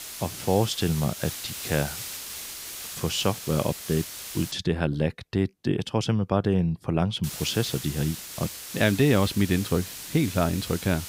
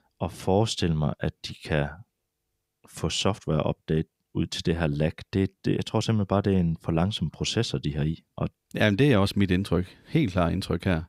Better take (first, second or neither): second